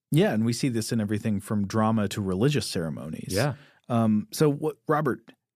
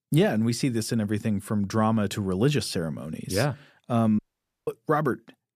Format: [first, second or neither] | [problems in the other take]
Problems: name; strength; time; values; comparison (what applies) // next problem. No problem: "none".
first | audio cutting out; at 4 s